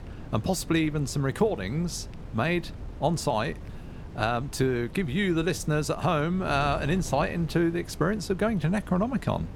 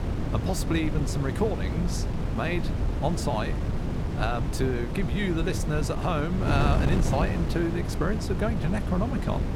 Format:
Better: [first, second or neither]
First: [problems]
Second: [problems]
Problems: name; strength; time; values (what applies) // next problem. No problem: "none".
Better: first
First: wind noise on the microphone; occasional gusts; 20 dB below the speech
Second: wind noise on the microphone; heavy; 5 dB below the speech